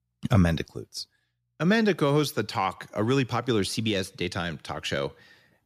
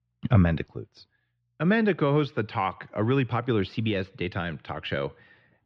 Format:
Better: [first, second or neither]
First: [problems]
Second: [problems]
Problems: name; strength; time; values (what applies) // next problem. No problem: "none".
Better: first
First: none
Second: muffled; very; fading above 3 kHz